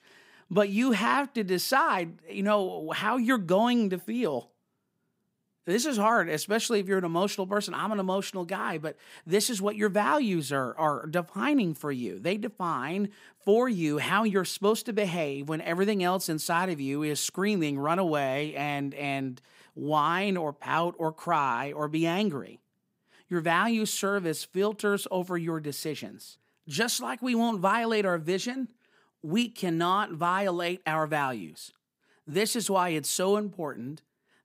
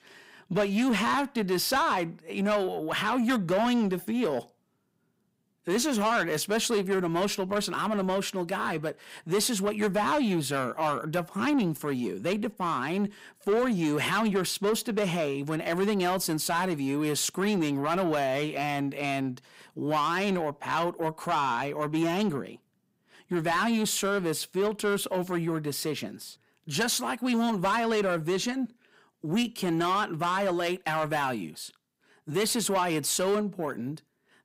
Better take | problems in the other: first | distortion; slight; 10 dB below the speech

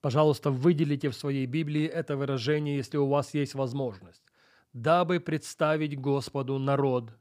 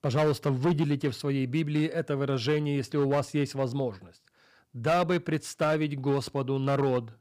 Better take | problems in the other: first | distortion; slight; 7% of the sound clipped

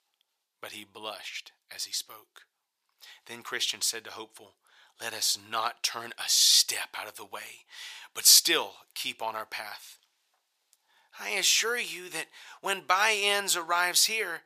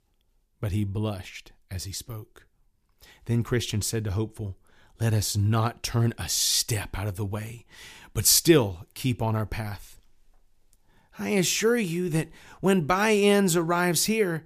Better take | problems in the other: second | thin; very; fading below 900 Hz

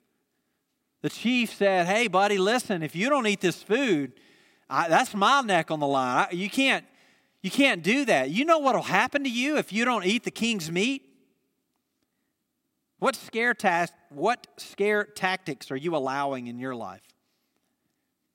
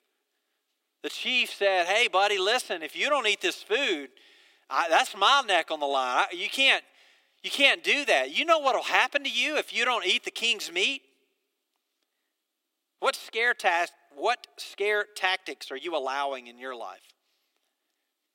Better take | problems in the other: first | thin; somewhat; fading below 400 Hz

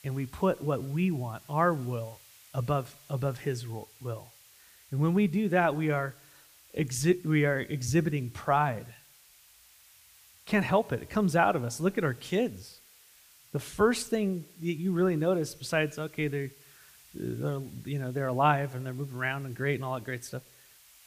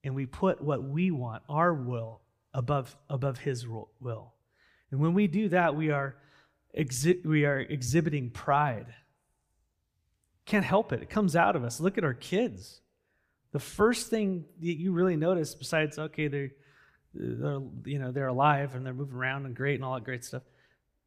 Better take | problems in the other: second | hiss; faint; throughout; 25 dB below the speech

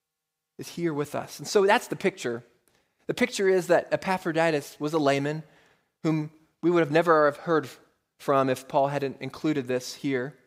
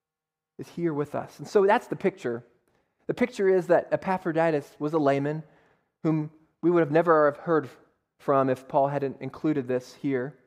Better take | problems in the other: first | muffled; slightly; fading above 2 kHz

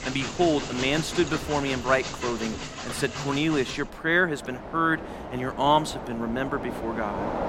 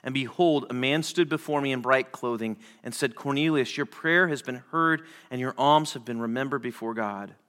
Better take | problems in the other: second | train or aircraft noise; loud; throughout; 8 dB below the speech

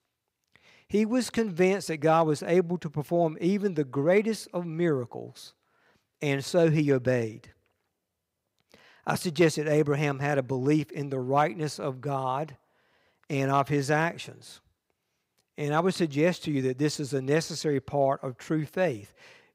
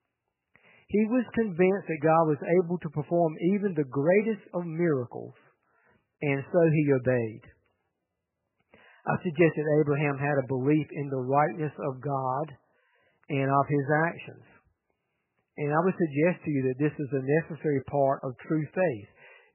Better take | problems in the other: first | garbled, watery; badly; nothing above 2.5 kHz

